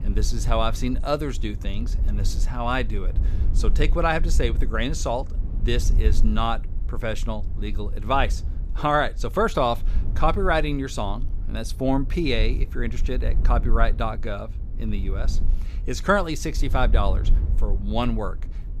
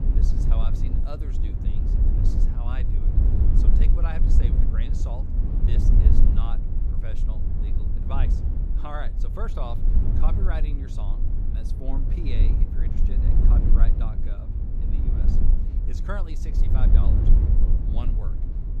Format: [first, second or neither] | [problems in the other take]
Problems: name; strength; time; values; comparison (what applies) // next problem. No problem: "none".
first | low rumble; loud; throughout; as loud as the speech; faint in the first